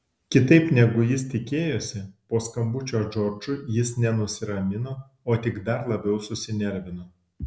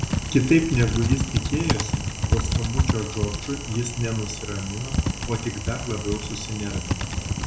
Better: first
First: none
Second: background sound (Typing); as loud as the speech // room echo; dies away in 0.3 s

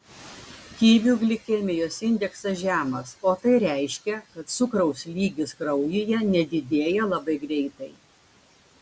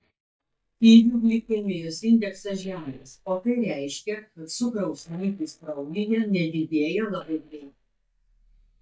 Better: first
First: none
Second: noise reduction (neural mask model DeepFilterNet 3)

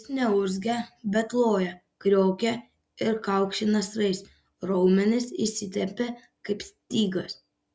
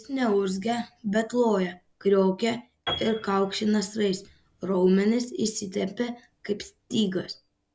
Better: first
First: none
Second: background sound (Piano); 18 dB below the speech

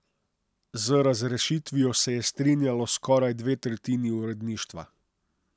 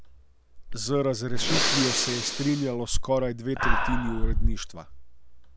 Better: first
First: none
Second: background sound (Breathing); 3 dB above the speech

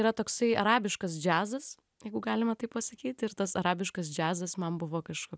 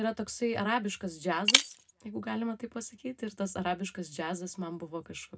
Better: first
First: none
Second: background sound (Shatter); 2 dB above the speech // room echo; dies away in 0.2 s

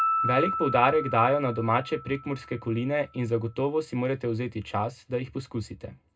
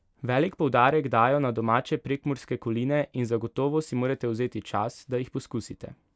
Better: second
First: background sound (Piano); 7 dB below the speech // room echo; dies away in 0.2 s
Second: none

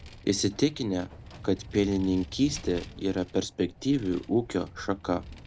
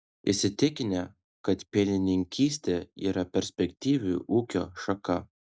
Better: second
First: background sound (Vehicle); 16 dB below the speech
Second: none

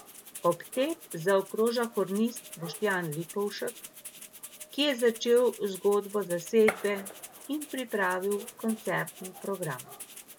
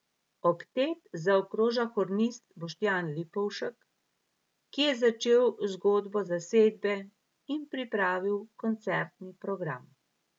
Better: second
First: background sound (Gunshot, gunfire + Rattle (instrument)); 14 dB below the speech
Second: none

